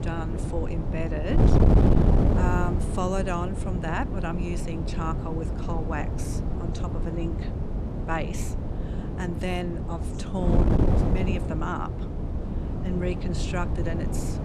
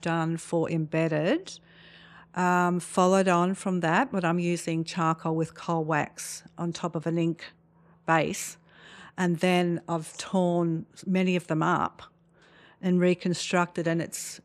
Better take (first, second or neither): second